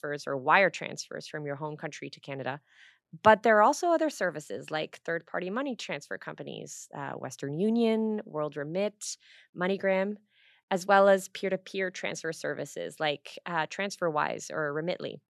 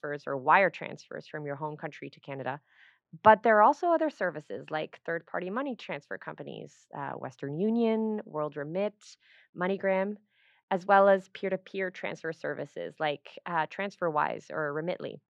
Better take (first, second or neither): first